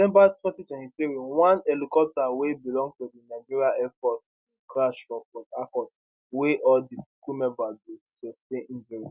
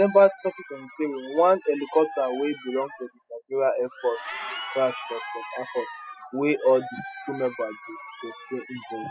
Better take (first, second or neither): first